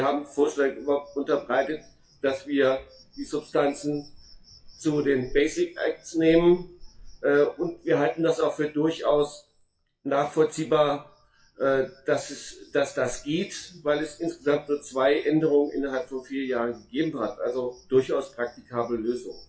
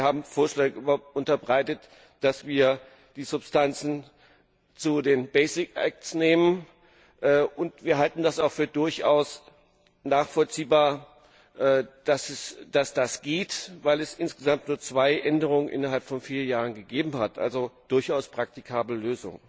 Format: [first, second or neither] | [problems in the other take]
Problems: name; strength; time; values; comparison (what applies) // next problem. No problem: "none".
second | noise reduction (classical method WPE with log-MMSE)